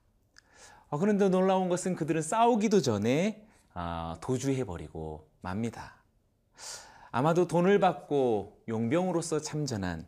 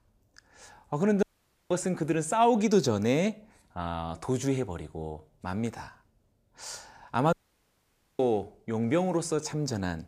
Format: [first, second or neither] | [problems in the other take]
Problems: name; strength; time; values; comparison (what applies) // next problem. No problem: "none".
first | audio cutting out; at 1 s and at 7.5 s for 1 s